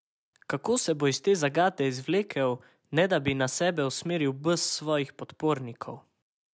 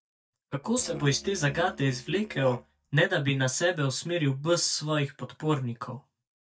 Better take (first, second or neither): first